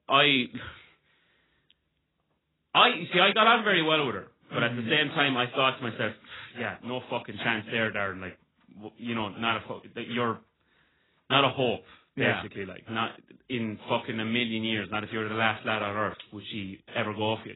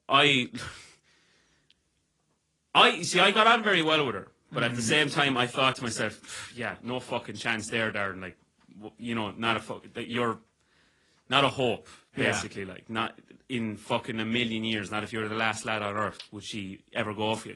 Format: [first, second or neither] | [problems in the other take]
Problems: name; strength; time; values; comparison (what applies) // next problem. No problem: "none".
second | garbled, watery; badly; nothing above 4 kHz; slightly in the second